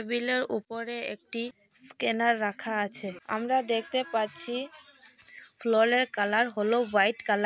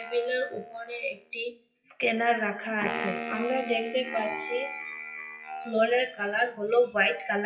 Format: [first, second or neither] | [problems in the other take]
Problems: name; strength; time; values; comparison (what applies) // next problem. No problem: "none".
first | noise reduction (classical method WPE with log-MMSE)